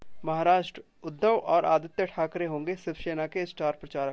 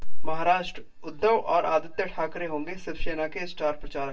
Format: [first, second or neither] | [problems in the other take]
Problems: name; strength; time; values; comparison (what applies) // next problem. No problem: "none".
first | room echo; dies away in 0.2 s